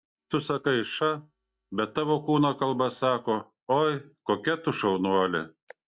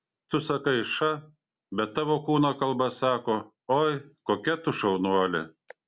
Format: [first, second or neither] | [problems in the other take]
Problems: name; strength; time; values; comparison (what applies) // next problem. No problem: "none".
second | noise reduction (neural mask model DeepFilterNet 3)